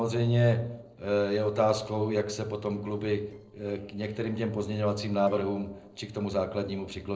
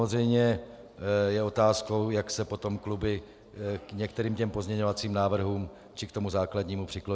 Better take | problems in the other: second | noise reduction (neural separator model SepFormer DNS4)

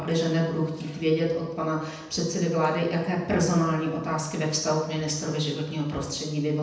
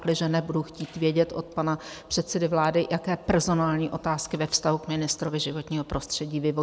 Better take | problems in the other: second | room echo; dies away in 0.8 s

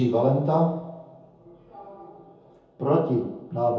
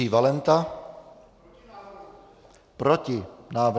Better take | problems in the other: second | room echo; dies away in 0.7 s

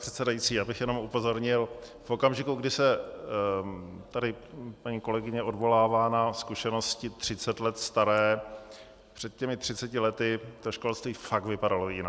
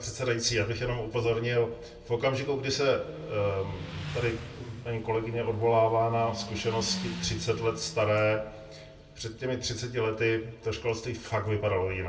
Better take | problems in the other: first | background sound (Motorcycle); 14 dB below the speech // room echo; dies away in 0.3 s

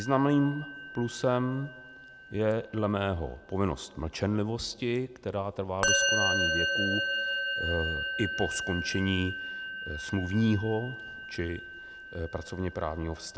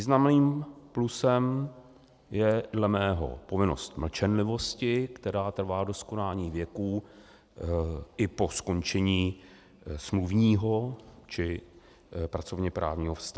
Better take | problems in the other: second | background sound (Musical instrument); 3 dB below the speech

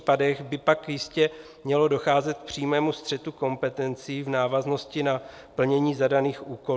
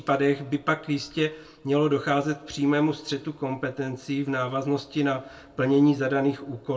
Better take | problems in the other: first | room echo; dies away in 0.2 s

